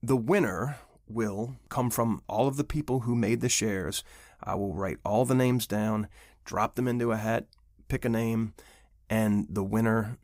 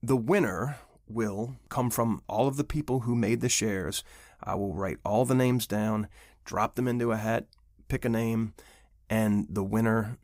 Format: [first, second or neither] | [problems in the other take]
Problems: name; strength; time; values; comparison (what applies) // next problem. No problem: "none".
neither | none